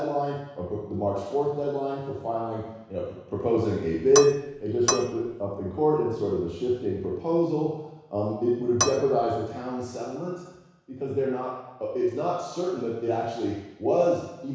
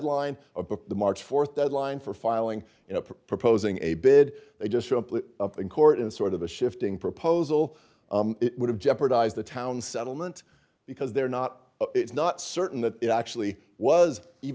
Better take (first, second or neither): second